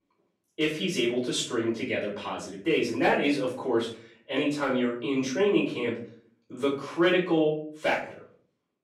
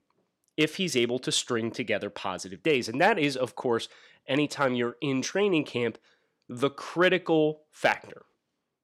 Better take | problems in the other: second | off-mic speech; far // room echo; noticeable; dies away in 0.4 s

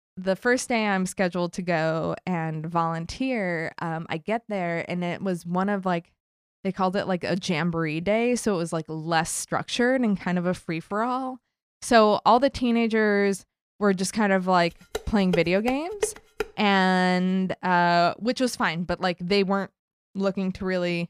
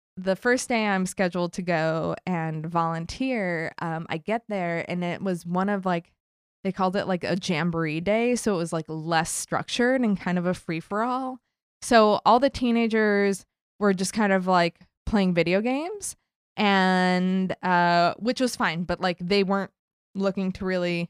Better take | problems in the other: second | clattering dishes; noticeable; from 15 to 16 s; peak 6 dB below the speech

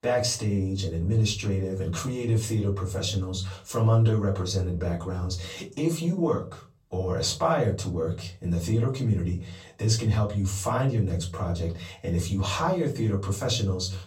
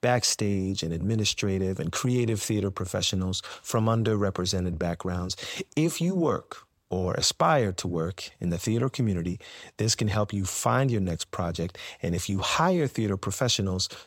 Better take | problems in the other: second | off-mic speech; far // room echo; very slight; dies away in 0.4 s

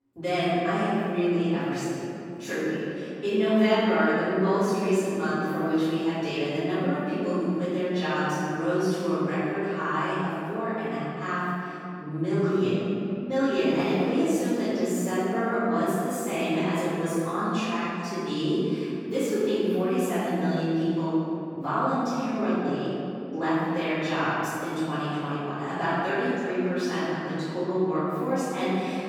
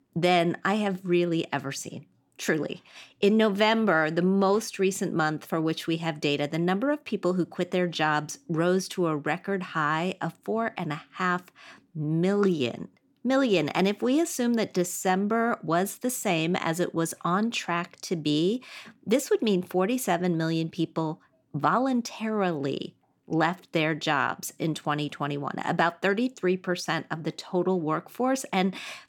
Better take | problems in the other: second | room echo; strong; dies away in 2.6 s // off-mic speech; far

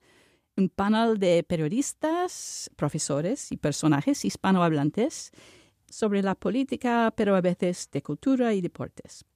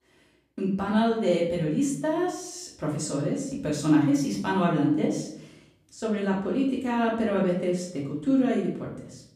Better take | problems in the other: first | off-mic speech; far // room echo; noticeable; dies away in 0.6 s

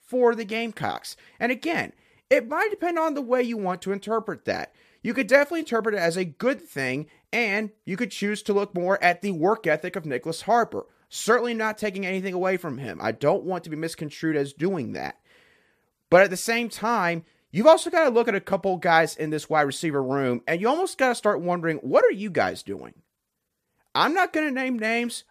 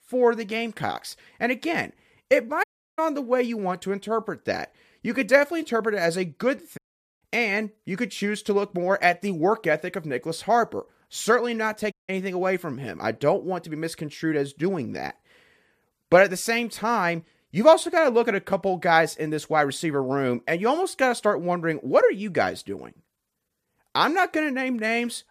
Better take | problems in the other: first | audio cutting out; at 2.5 s, at 7 s and at 12 s

